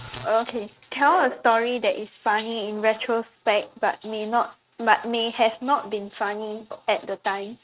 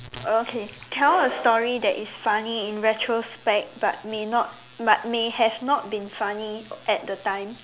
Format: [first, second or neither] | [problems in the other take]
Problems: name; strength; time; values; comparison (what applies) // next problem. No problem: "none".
second | noise reduction (neural mask model RNNoise)